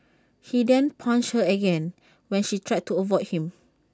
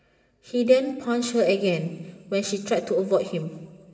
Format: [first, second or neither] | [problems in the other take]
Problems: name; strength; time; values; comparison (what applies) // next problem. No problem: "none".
first | room echo; dies away in 2.7 s